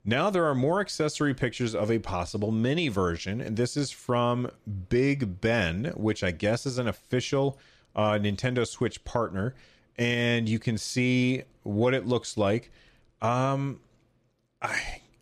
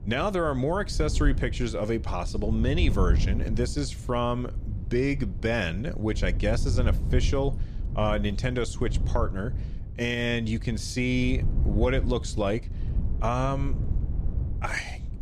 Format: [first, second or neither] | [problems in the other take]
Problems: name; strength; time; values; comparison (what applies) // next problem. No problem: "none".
first | wind noise on the microphone; occasional gusts; 15 dB below the speech